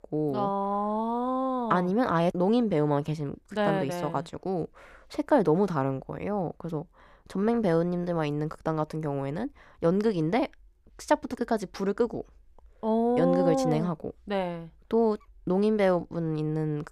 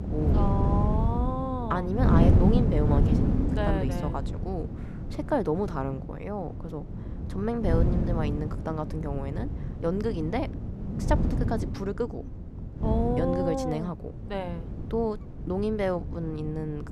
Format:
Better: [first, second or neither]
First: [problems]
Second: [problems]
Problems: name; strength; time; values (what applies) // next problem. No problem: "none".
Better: first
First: none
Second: wind noise on the microphone; heavy; 5 dB below the speech